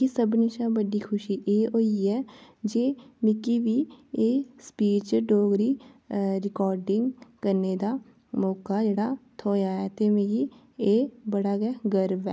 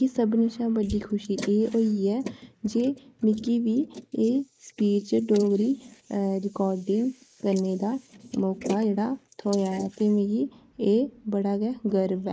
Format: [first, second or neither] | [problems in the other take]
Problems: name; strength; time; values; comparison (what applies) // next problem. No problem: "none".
first | noise reduction (neural mask model Resemble Enhance denoiser)